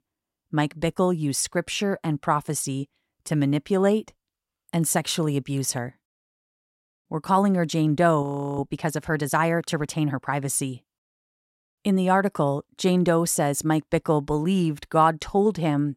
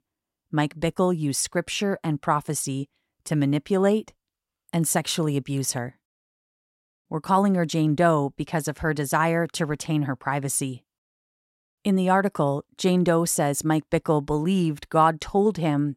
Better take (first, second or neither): second